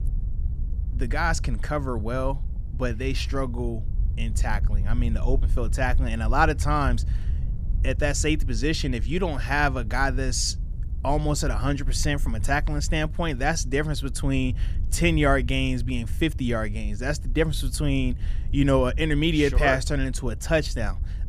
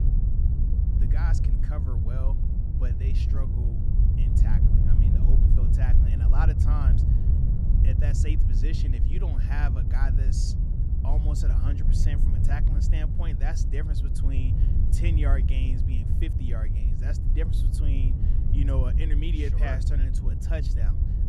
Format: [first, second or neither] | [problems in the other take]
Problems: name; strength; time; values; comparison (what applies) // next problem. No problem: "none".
first | wind noise on the microphone; heavy; 1 dB below the speech; occasional gusts in the first